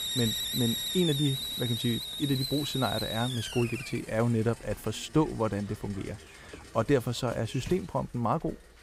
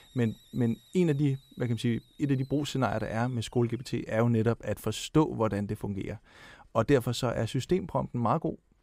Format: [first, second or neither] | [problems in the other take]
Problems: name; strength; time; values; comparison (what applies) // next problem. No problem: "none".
second | hiss; loud; throughout; 2 dB below the speech; faint in the second